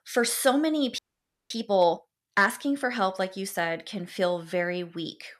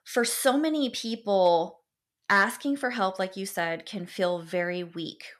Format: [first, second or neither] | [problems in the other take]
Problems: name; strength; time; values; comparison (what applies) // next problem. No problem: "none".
second | audio freezing; at 1 s for 0.5 s